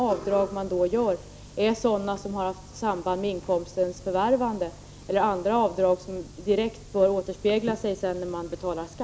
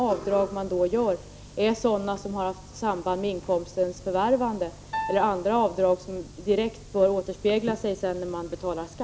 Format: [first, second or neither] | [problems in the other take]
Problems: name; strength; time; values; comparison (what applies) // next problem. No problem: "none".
first | background sound (Piano); 10 dB below the speech